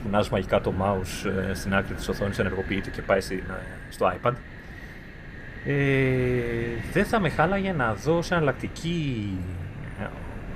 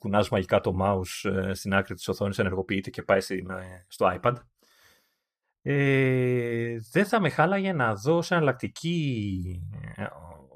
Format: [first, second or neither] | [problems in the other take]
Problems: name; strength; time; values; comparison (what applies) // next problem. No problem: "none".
second | wind noise on the microphone; occasional gusts; 15 dB below the speech